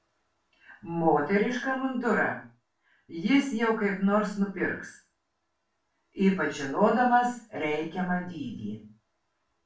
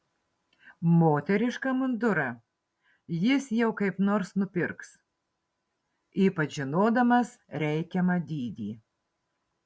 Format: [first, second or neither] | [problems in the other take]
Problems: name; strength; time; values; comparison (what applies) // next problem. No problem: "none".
second | room echo; dies away in 0.3 s